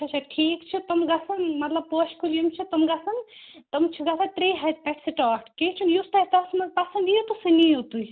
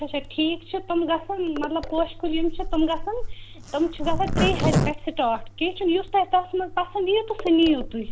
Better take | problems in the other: first | background sound (Zipper (clothing)); 5 dB below the speech

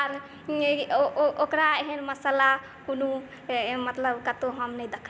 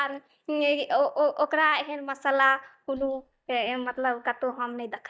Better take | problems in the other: first | noise reduction (neural mask model DeepFilterNet 3)

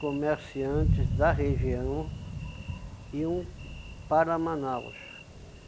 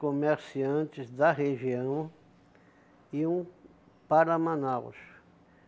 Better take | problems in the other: second | background sound (Thunder); 2 dB below the speech

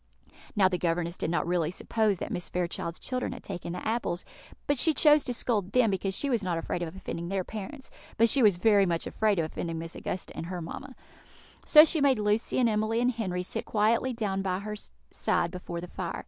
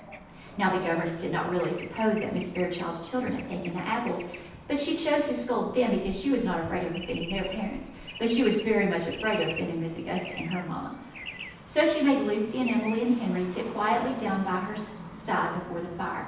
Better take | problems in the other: first | background sound (Traffic noise, roadway noise / Bird); 14 dB below the speech // room echo; dies away in 0.9 s

